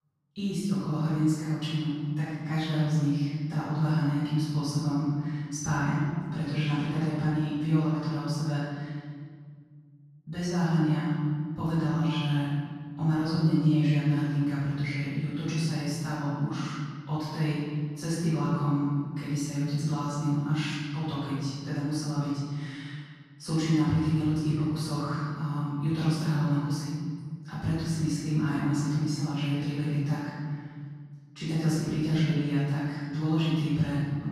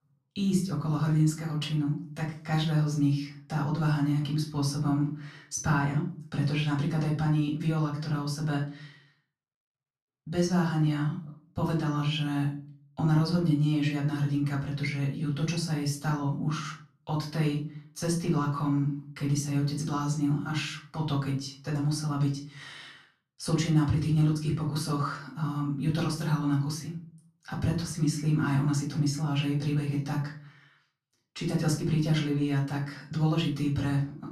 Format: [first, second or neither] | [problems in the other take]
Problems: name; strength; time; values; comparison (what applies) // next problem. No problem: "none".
second | room echo; strong; dies away in 1.9 s; slight in the second // off-mic speech; far; far in the second